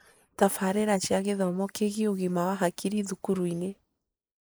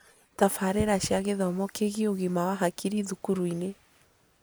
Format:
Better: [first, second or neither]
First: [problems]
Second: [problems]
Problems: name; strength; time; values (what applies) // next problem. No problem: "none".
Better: second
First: noise reduction (neural mask model Resemble Enhance denoiser)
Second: none